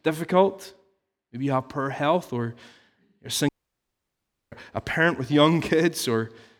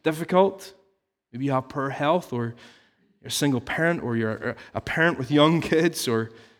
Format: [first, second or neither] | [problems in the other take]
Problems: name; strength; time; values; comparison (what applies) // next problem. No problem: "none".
second | audio cutting out; at 3.5 s for 1 s